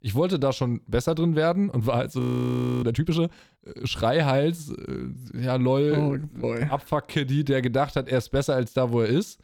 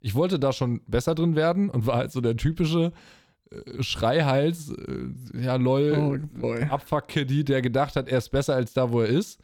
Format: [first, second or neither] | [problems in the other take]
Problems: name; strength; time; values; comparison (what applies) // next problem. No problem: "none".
second | audio freezing; at 2 s for 0.5 s